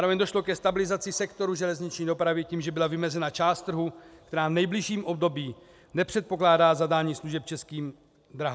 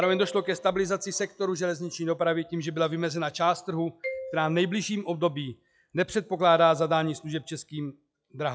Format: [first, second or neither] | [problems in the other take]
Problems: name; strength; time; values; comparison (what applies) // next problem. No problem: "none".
first | noise reduction (classical method log-MMSE)